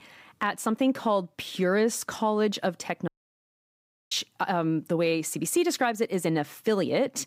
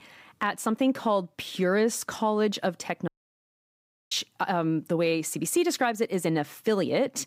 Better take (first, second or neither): neither